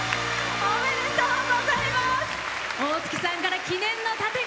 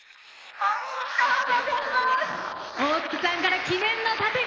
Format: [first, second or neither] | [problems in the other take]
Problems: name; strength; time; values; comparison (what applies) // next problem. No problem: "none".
first | noise reduction (neural mask model Resemble Enhance denoiser)